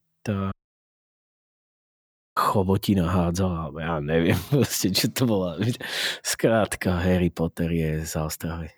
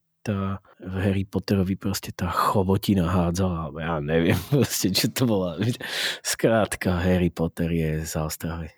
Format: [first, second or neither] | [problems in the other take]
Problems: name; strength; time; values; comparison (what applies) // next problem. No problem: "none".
second | audio cutting out; at 0.5 s for 2 s